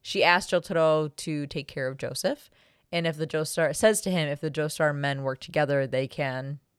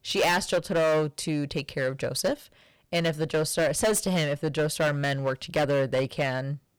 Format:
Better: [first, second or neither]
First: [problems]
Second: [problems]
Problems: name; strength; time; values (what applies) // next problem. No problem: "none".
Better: first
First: none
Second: distortion; heavy; 12% of the sound clipped